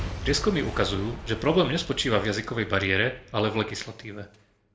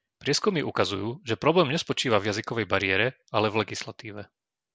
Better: second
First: background sound (Shatter / Crushing / Boom); 12 dB below the speech // room echo; dies away in 0.6 s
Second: none

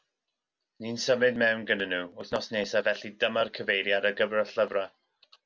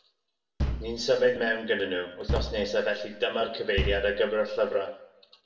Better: first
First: none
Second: background sound (Bass drum); 5 dB below the speech // room echo; dies away in 0.6 s

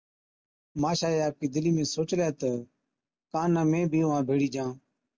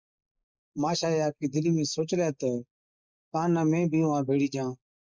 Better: first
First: none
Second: noise reduction (neural mask model Resemble Enhance denoiser)

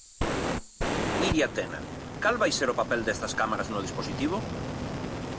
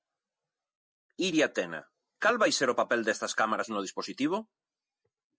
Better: second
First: background sound (Fire); 2 dB below the speech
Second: none

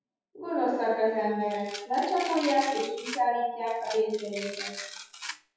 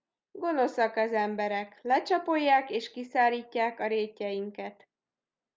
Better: second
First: noise reduction (classical method WPE with log-MMSE)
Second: none

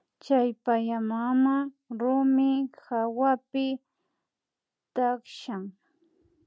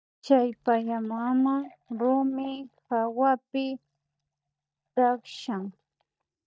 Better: first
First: none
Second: noise reduction (neural mask model DeepFilterNet 3)

